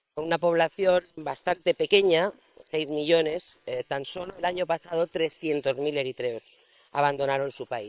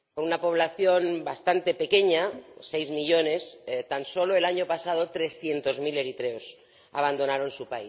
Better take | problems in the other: second | noise reduction (neural separator model SepFormer WHAM!)

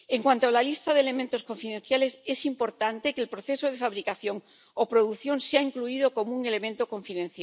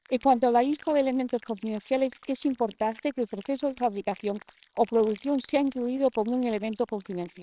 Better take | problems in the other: first | noise reduction (neural separator model SepFormer WHAMR!)

